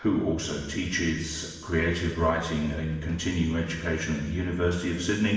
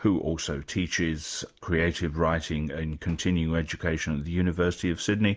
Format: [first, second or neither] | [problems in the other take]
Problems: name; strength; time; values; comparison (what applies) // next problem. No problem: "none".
second | room echo; dies away in 1.2 s